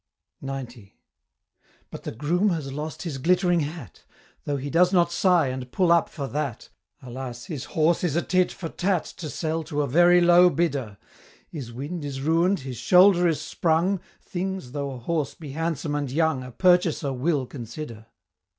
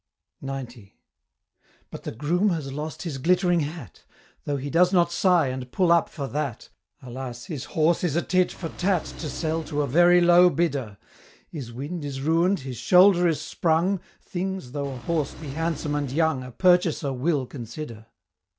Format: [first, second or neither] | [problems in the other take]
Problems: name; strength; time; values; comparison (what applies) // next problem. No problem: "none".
first | background sound (Engine); 15 dB below the speech